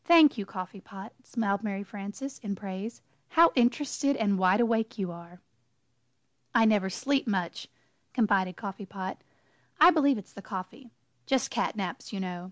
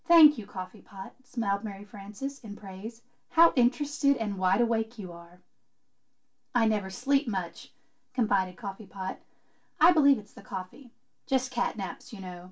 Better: first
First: none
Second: room echo; dies away in 0.2 s

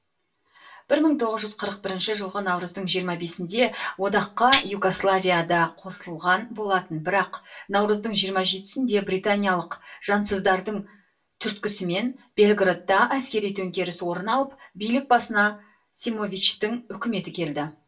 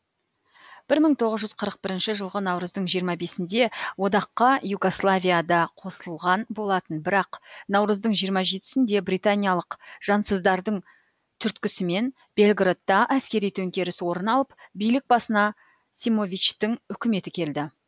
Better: second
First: background sound (Tambourine); 4 dB below the speech // room echo; dies away in 0.2 s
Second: none

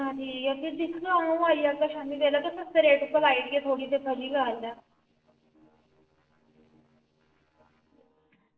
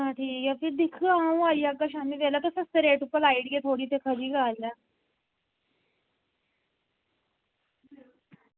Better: second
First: noise reduction (neural separator model SepFormer DNS4)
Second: none

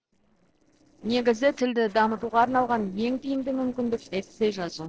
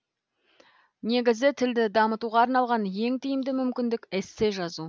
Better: second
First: noise reduction (neural separator model SepFormer DNS4)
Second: none

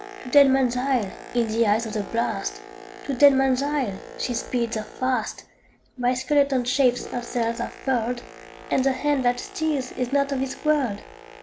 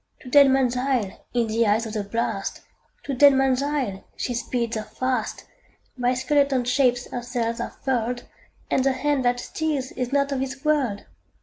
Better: second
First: background sound (Boat, Water vehicle); 17 dB below the speech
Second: none

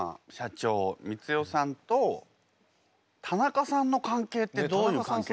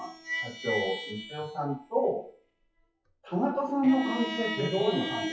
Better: first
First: none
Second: noise reduction (classical method WPE with log-MMSE)

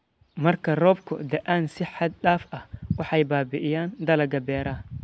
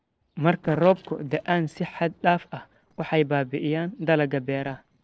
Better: first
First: none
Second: noise reduction (neural separator model SepFormer DNS4)

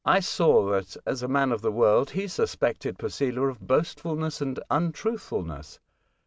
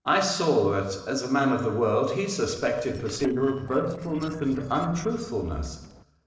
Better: first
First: none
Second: noise reduction (neural separator model SepFormer DNS4)

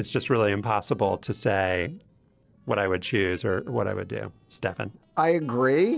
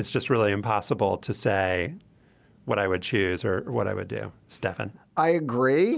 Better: second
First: noise reduction (neural separator model SepFormer DNS4)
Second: none

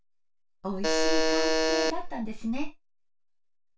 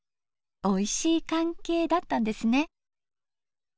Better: second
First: background sound (Alarm); 5 dB above the speech // room echo; dies away in 0.2 s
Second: none

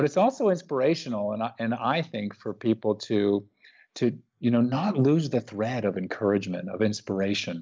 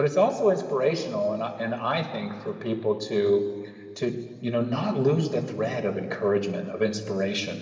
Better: first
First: none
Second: room echo; dies away in 2.5 s

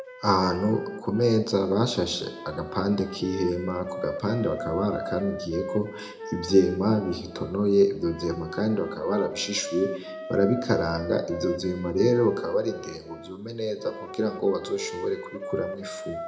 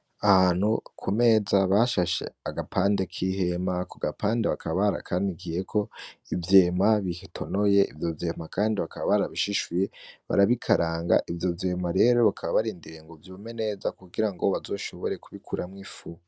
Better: second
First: background sound (Wind instrument, woodwind instrument); 11 dB below the speech // room echo; dies away in 0.5 s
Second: none

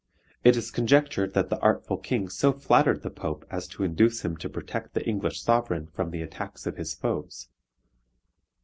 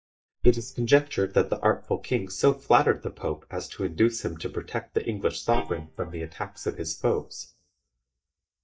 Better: first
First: none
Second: noise reduction (neural mask model DeepFilterNet 3)

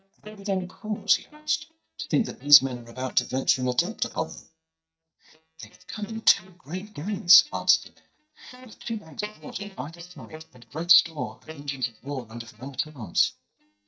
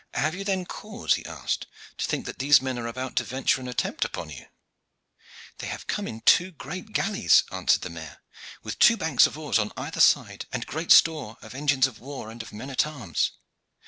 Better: second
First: noise reduction (neural mask model DeepFilterNet 3)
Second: none

